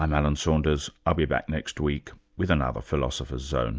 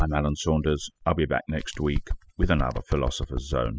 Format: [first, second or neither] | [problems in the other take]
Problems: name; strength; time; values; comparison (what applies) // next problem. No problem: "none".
first | noise reduction (classical method spectral subtraction)